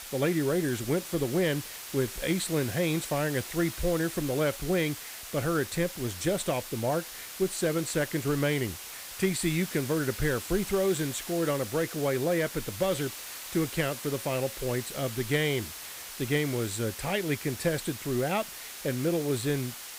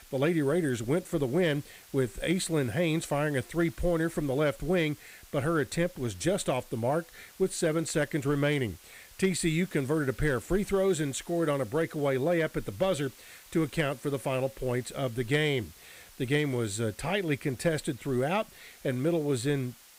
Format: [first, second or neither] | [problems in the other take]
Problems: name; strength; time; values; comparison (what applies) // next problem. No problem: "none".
second | hiss; loud; throughout; 9 dB below the speech; faint in the second